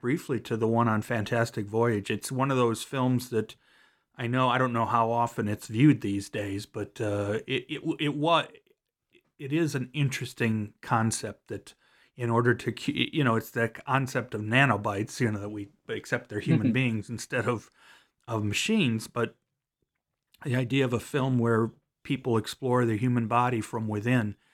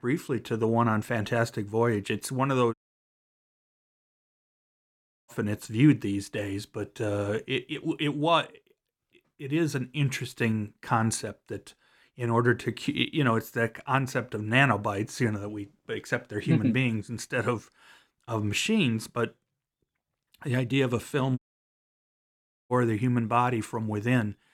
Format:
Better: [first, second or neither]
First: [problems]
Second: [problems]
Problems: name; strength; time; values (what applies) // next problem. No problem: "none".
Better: first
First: none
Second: audio cutting out; at 2.5 s for 2.5 s and at 21 s for 1.5 s